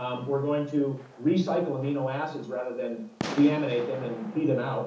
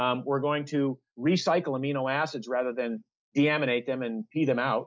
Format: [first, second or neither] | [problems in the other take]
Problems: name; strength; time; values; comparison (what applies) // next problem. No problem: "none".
second | background sound (Fireworks); 15 dB below the speech // room echo; dies away in 1.2 s